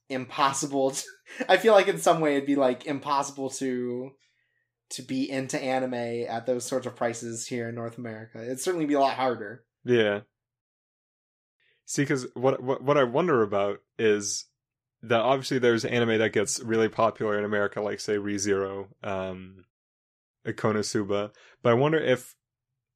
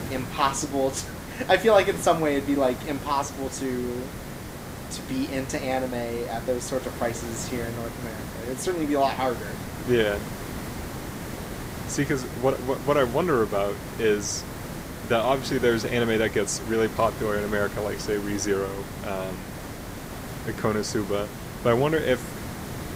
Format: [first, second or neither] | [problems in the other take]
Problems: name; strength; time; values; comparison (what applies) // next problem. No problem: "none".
first | hiss; loud; throughout; 10 dB below the speech